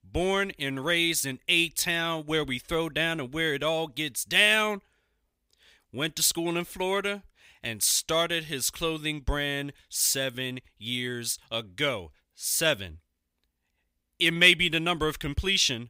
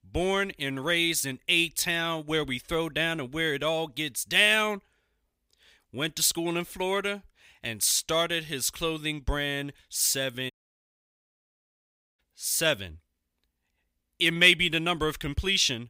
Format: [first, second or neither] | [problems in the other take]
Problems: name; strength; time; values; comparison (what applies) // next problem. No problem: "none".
first | audio cutting out; at 11 s for 1.5 s